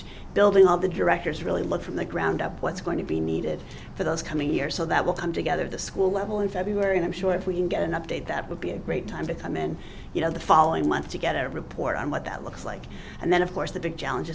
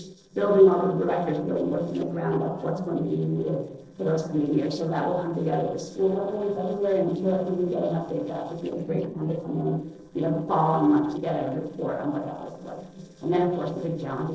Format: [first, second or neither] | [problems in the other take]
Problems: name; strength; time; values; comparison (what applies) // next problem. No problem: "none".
first | noise reduction (neural separator model SepFormer DNS4)